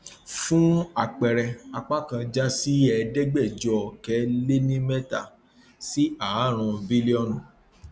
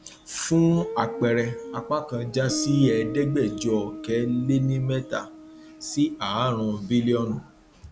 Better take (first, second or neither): first